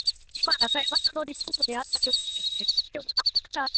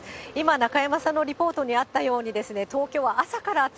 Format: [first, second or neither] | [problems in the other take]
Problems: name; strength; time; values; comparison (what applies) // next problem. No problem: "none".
second | noise reduction (neural diffusion model UNIVERSE++)